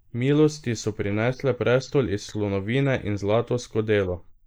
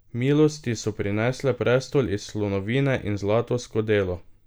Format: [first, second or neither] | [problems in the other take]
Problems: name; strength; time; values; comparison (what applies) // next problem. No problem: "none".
second | noise reduction (neural mask model Resemble Enhance denoiser)